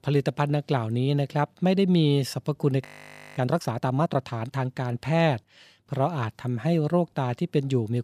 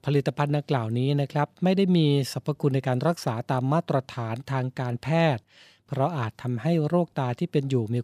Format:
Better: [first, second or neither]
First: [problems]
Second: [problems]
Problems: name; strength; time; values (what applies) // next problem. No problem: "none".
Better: second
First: audio freezing; at 3 s for 0.5 s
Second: none